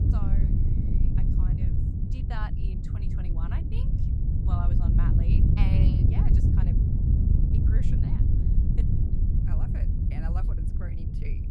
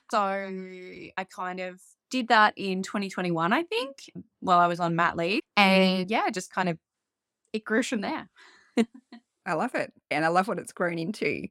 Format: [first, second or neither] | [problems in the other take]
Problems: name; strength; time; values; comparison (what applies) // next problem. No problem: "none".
second | wind noise on the microphone; heavy; 5 dB above the speech